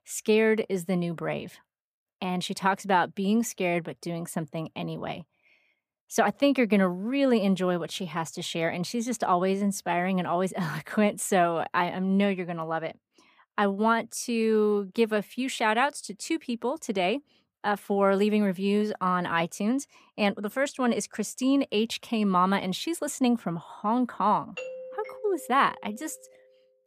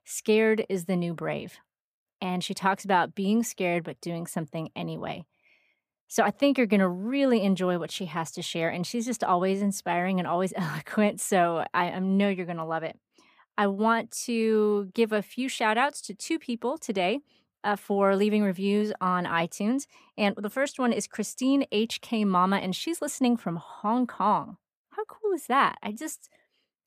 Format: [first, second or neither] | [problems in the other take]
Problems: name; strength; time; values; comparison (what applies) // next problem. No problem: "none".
second | doorbell; faint; from 25 to 26 s; peak 10 dB below the speech